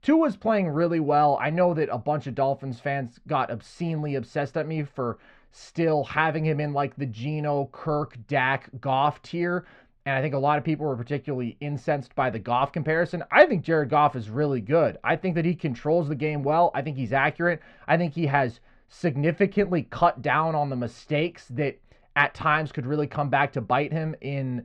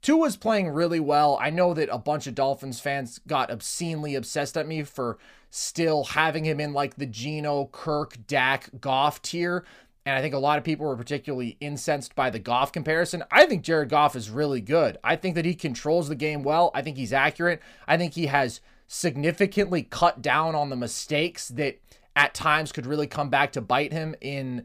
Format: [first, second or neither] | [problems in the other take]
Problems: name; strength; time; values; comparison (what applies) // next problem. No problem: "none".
second | muffled; slightly; fading above 2 kHz